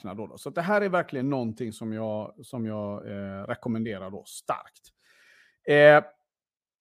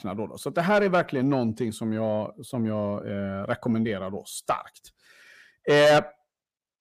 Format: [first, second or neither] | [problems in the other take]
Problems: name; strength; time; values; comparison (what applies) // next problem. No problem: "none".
first | distortion; heavy; 6 dB below the speech